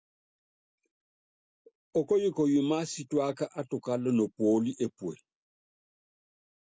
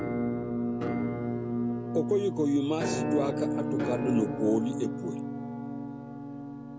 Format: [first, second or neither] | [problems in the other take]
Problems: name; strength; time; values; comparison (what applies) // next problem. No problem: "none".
first | background sound (Musical instrument); 1 dB above the speech